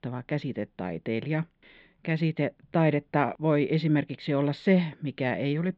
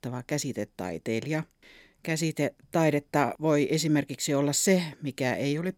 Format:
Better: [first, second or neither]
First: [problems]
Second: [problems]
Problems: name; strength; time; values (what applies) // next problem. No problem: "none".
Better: second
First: muffled; very; fading above 3.5 kHz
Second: none